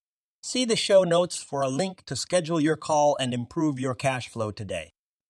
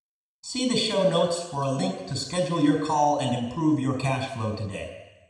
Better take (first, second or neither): first